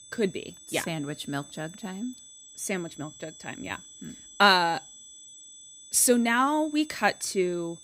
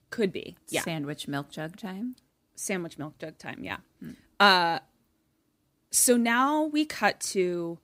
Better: second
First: high-pitched whine; noticeable; throughout; 7.5 kHz, 20 dB below the speech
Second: none

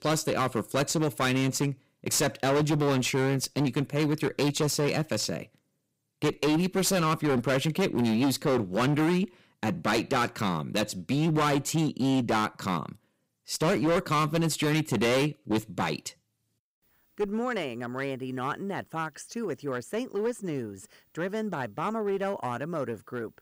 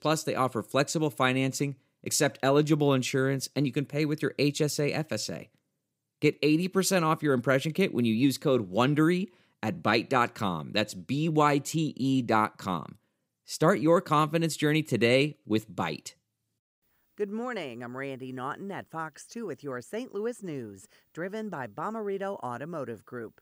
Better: second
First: distortion; heavy; 15% of the sound clipped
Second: none

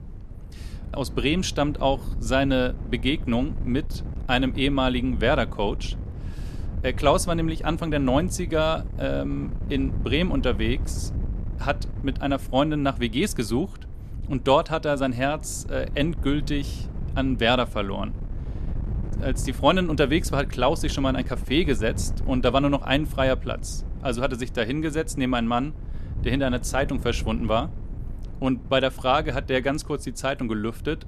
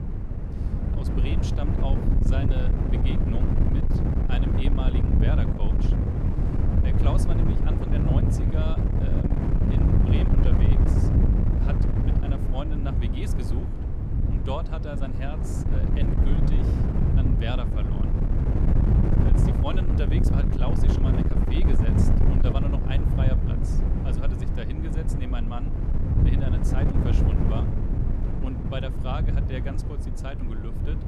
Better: first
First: wind noise on the microphone; occasional gusts; 20 dB below the speech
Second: wind noise on the microphone; heavy; 3 dB above the speech

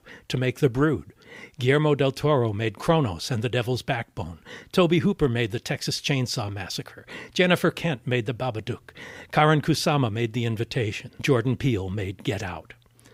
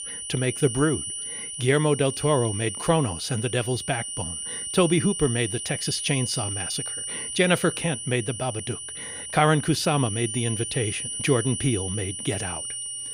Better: first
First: none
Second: high-pitched whine; loud; throughout; 9.5 kHz, 5 dB below the speech

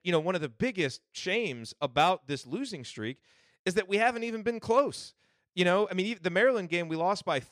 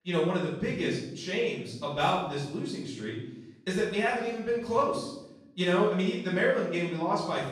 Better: first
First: none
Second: off-mic speech; far // room echo; noticeable; dies away in 0.8 s

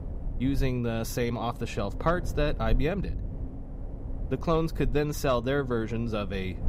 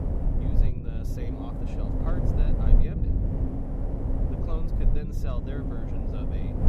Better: first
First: wind noise on the microphone; occasional gusts; 20 dB below the speech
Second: wind noise on the microphone; heavy; 5 dB above the speech

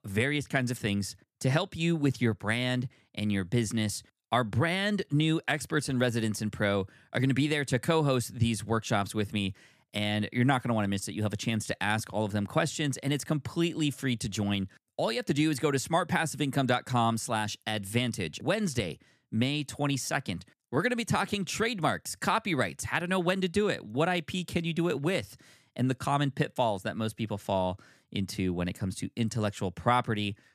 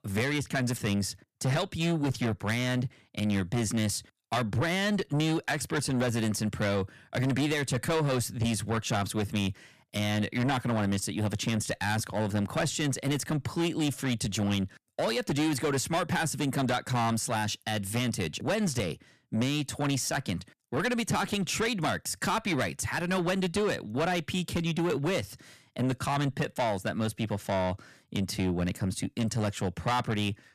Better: first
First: none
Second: distortion; heavy; 8 dB below the speech

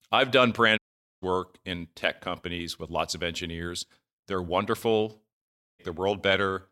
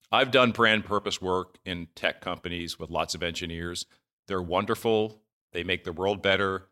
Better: second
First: audio cutting out; at 1 s and at 5.5 s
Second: none

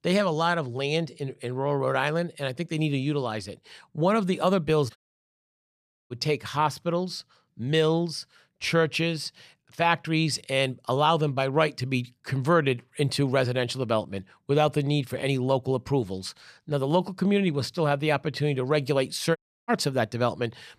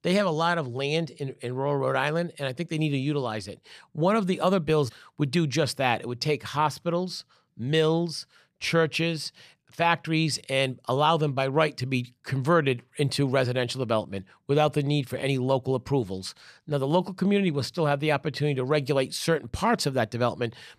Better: second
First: audio cutting out; at 5 s for 1 s and at 19 s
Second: none

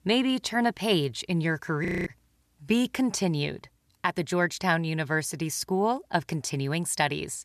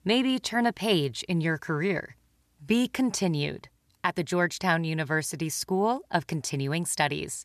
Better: second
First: audio freezing; at 2 s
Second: none

